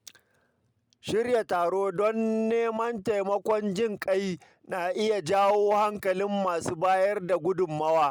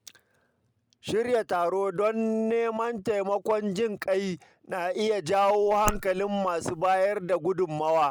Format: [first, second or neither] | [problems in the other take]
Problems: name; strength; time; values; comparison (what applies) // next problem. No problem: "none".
first | noise reduction (neural mask model Resemble Enhance denoiser)